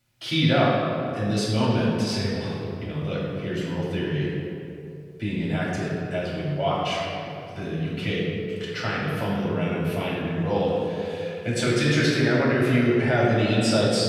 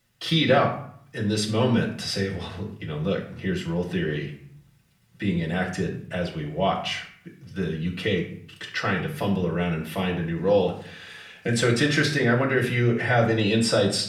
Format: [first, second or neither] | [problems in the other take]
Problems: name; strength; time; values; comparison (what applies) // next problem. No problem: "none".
second | room echo; strong; dies away in 2.3 s; slight in the second // off-mic speech; far; far in the second